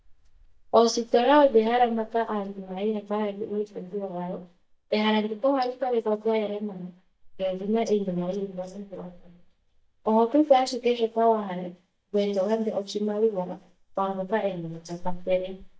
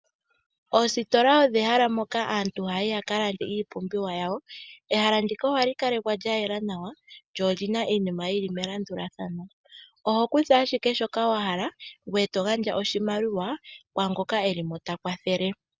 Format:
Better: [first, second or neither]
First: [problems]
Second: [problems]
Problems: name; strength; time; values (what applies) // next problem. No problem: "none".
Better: second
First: noise reduction (neural mask model DeepFilterNet 3)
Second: none